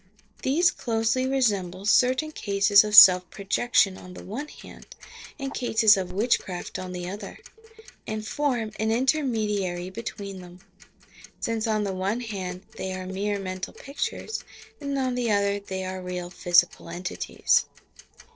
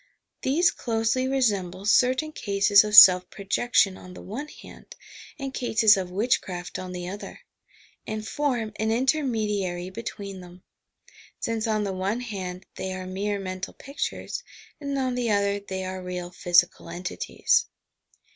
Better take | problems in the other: second | noise reduction (neural separator model SepFormer DNS4)

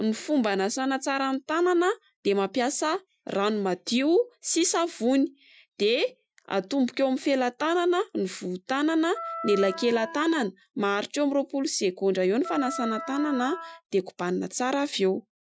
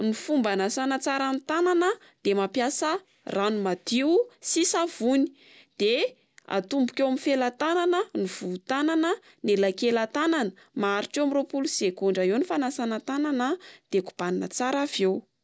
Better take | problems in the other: second | noise reduction (classical method Wiener filter)

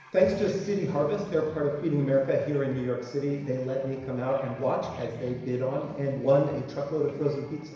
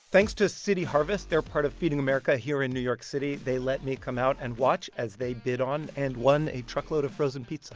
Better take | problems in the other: second | background sound (Guitar); 19 dB below the speech // room echo; dies away in 1 s

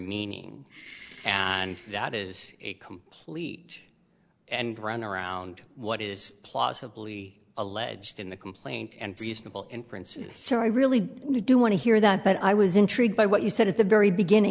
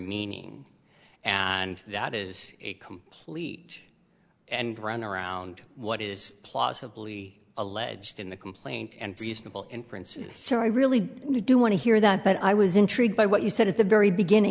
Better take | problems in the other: second | noise reduction (neural separator model SepFormer DNS4)

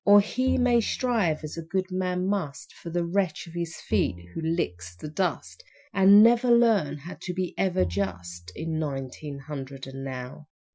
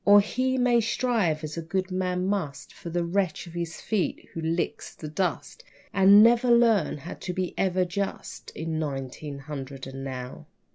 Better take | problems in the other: second | noise reduction (classical method Wiener filter)

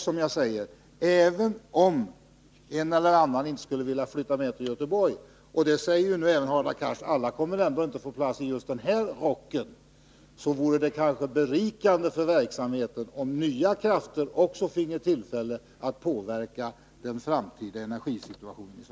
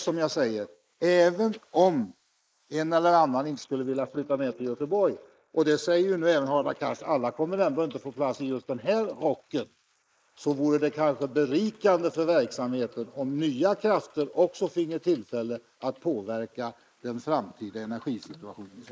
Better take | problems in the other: first | noise reduction (neural mask model Resemble Enhance denoiser)

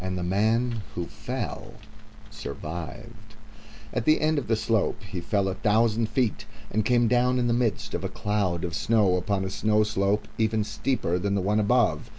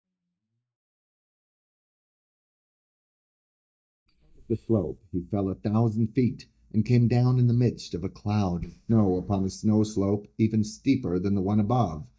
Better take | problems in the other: first | noise reduction (neural mask model DeepFilterNet 3)

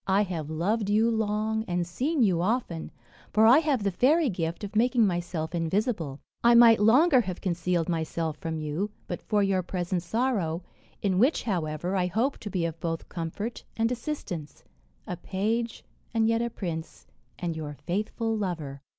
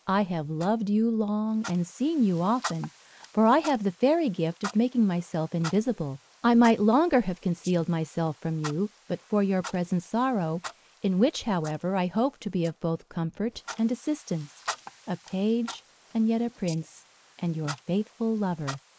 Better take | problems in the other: first | noise reduction (neural mask model Resemble Enhance denoiser)

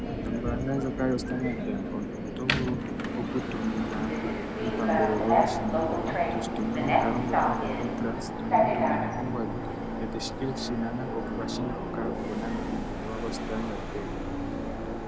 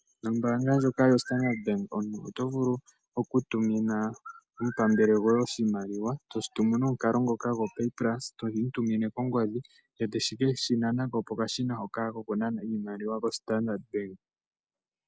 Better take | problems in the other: second | background sound (Subway, metro, underground); 5 dB above the speech

